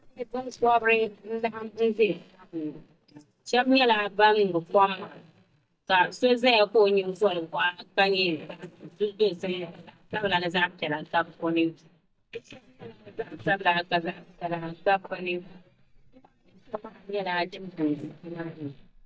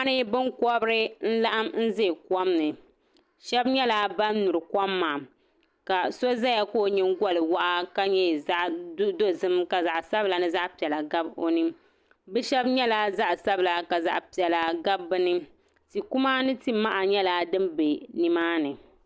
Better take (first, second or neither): second